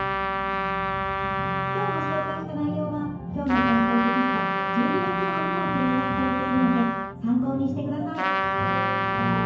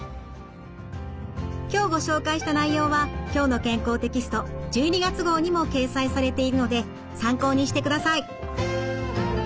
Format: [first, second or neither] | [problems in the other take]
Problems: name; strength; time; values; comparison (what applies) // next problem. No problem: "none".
second | background sound (Trumpet); as loud as the speech // room echo; dies away in 0.9 s